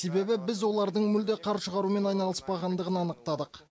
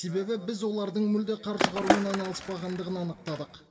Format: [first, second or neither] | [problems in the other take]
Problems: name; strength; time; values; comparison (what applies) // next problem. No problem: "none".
first | background sound (Skateboard); as loud as the speech // room echo; dies away in 1.1 s